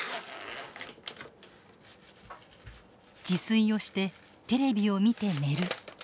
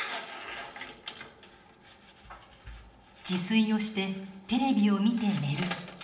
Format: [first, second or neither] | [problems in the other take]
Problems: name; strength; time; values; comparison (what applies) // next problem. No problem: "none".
first | room echo; dies away in 0.7 s